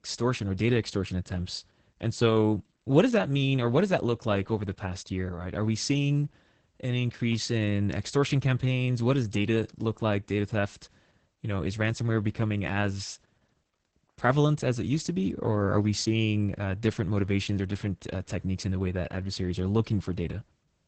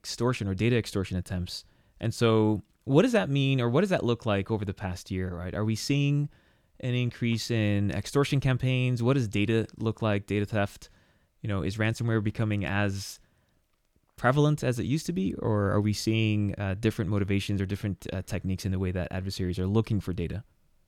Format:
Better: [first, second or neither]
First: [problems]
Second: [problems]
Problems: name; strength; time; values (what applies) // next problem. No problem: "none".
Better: second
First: garbled, watery; badly; nothing above 8 kHz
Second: none